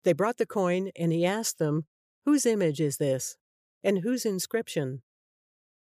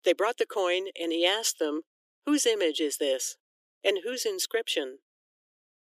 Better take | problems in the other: first | thin; somewhat; fading below 300 Hz

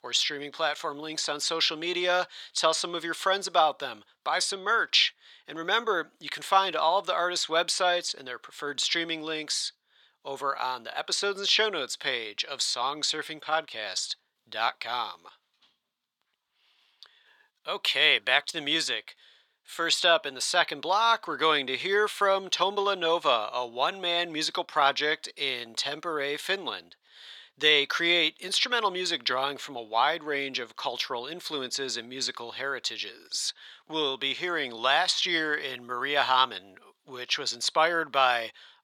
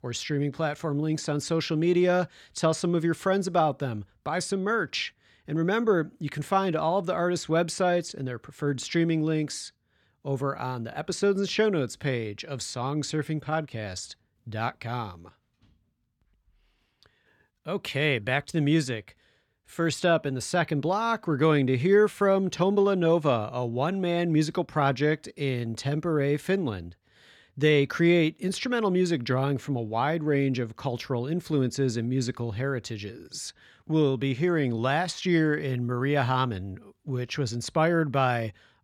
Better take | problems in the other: second | thin; very; fading below 700 Hz

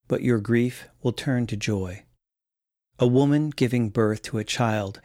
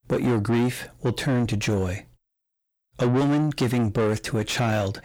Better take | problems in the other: first | distortion; heavy; 7 dB below the speech

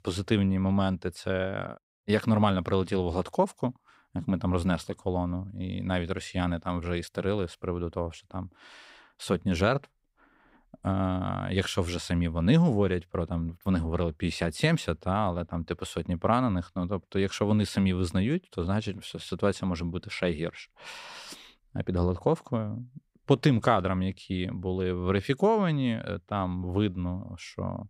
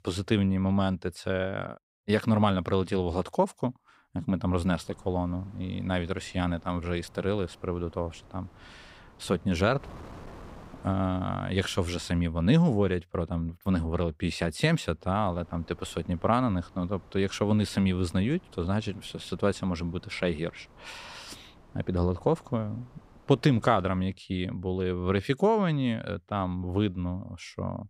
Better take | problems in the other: first | wind noise on the microphone; occasional gusts; from 5 to 12 s and from 15 to 24 s; 25 dB below the speech

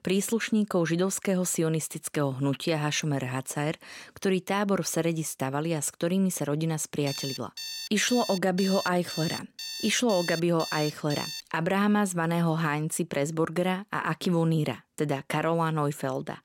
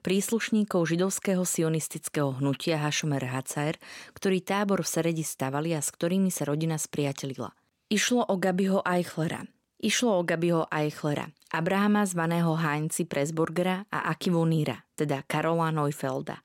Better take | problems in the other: second | alarm; noticeable; from 7 to 11 s; peak 7 dB below the speech

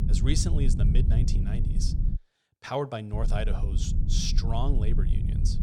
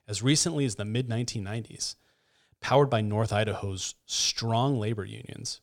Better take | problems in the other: second | low rumble; loud; until 2 s and from 3 s on; 7 dB below the speech

